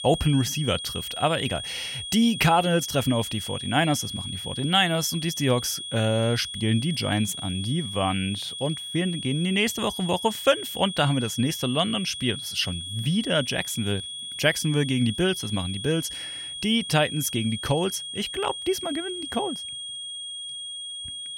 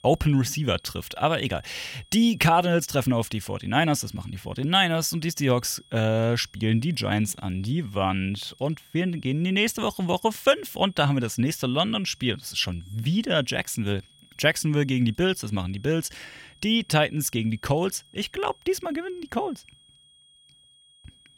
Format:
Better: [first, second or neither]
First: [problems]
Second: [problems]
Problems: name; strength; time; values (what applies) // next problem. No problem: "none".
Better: second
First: high-pitched whine; loud; throughout; 3.5 kHz, 7 dB below the speech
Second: high-pitched whine; faint; throughout; 3.5 kHz, 30 dB below the speech